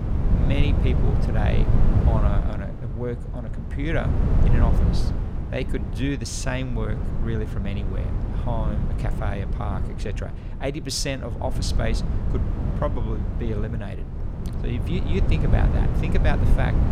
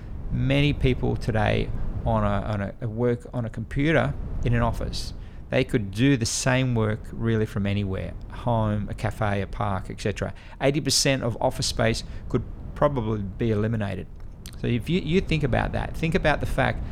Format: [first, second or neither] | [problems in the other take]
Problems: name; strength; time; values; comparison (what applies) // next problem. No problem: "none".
second | wind noise on the microphone; heavy; 4 dB below the speech; occasional gusts in the second